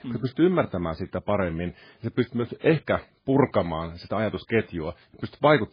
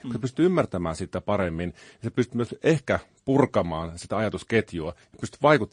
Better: second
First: garbled, watery; badly; nothing above 5 kHz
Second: garbled, watery; slightly; nothing above 9 kHz

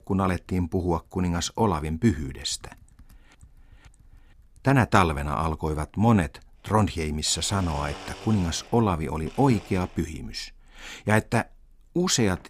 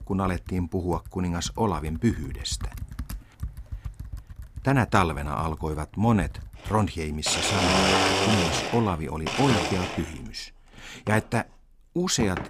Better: first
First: household noises; faint; throughout; 20 dB below the speech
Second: household noises; loud; throughout; 1 dB below the speech

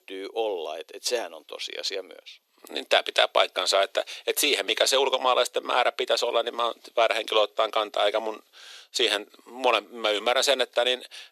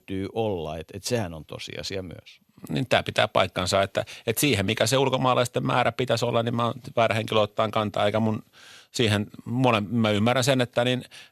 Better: second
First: thin; very; fading below 350 Hz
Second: none

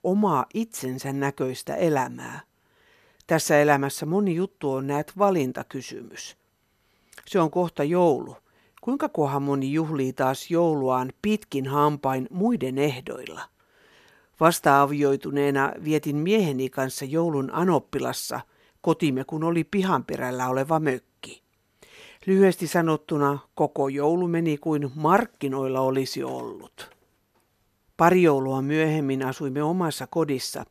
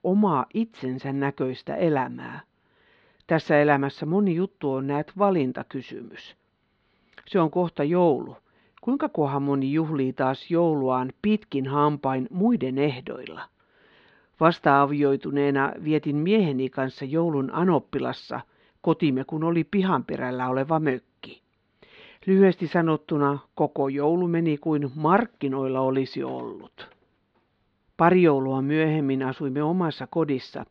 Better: first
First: none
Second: muffled; slightly; fading above 4 kHz

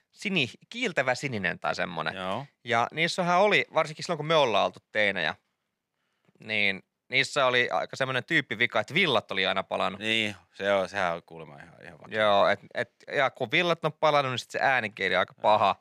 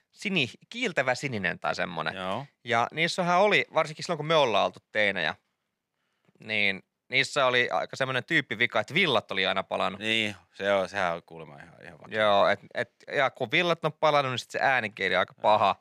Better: neither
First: none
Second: none

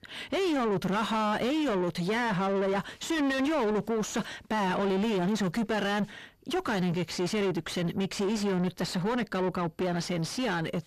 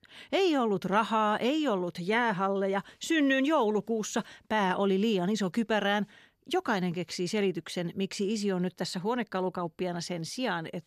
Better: second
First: distortion; heavy; 7 dB below the speech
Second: none

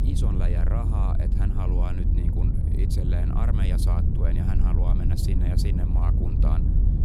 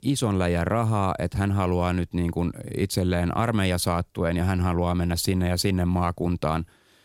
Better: second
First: low rumble; loud; throughout; 1 dB below the speech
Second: none

